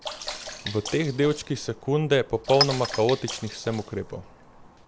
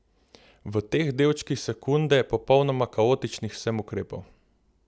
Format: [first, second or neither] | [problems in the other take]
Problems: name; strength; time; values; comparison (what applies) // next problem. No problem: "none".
second | background sound (Chink, clink + Sink (filling or washing) / Water / Splash, splatter); 9 dB below the speech